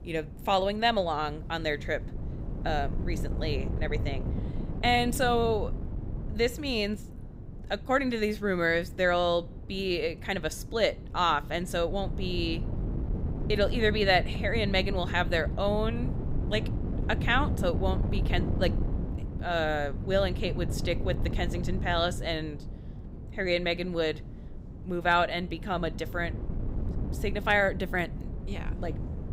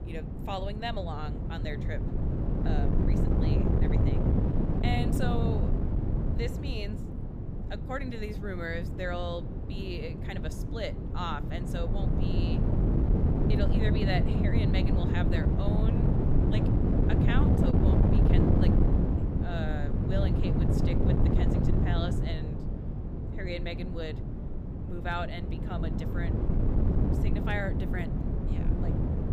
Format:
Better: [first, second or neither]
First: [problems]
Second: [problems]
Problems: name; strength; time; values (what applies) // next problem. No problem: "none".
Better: first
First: wind noise on the microphone; occasional gusts; 15 dB below the speech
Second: wind noise on the microphone; heavy; as loud as the speech